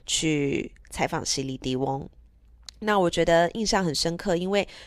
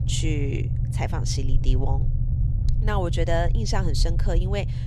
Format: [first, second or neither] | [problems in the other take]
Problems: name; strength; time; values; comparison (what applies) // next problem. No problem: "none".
first | low rumble; loud; throughout; 10 dB below the speech